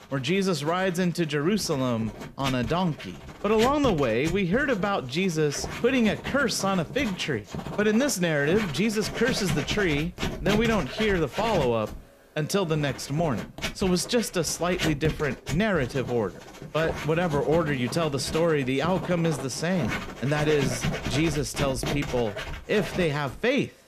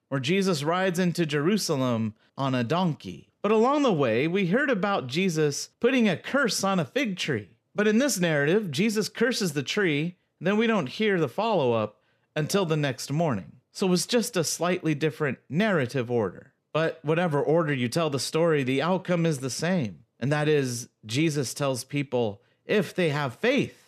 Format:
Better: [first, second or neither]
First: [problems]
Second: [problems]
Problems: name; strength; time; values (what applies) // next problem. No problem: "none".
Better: second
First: household noises; loud; throughout; 9 dB below the speech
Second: none